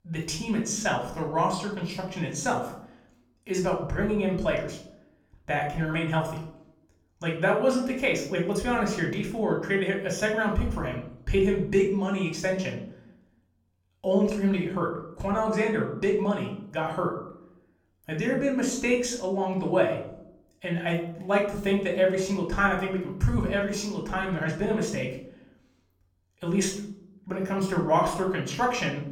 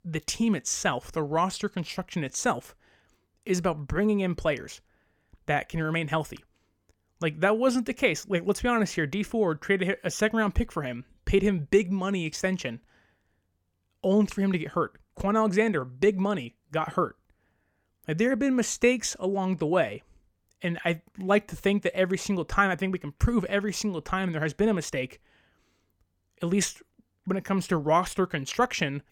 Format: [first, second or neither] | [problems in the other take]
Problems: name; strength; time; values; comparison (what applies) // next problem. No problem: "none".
second | off-mic speech; far // room echo; slight; dies away in 0.5 s